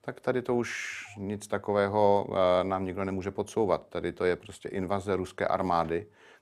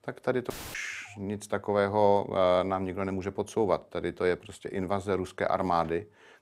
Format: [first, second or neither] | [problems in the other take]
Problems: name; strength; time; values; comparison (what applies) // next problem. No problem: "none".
first | audio cutting out; filled with static; at 0.5 s